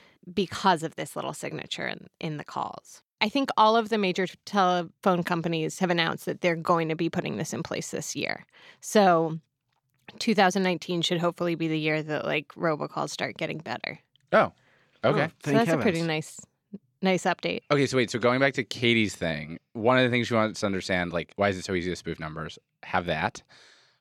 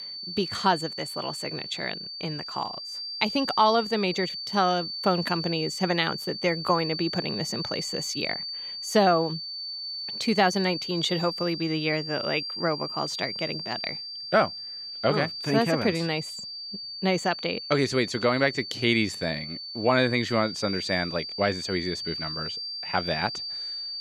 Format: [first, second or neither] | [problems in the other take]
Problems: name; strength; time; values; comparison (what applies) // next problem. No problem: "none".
first | high-pitched whine; loud; throughout; 4.5 kHz, 6 dB below the speech